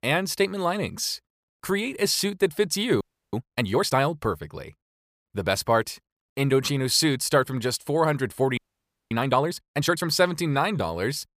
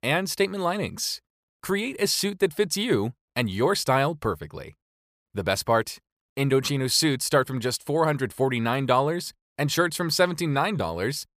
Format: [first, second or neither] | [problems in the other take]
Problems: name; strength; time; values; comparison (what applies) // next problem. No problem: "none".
second | audio freezing; at 3 s and at 8.5 s for 0.5 s